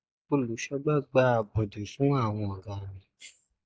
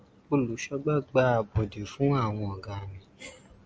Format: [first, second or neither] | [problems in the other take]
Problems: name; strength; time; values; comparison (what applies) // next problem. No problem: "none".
second | noise reduction (neural mask model DeepFilterNet 3)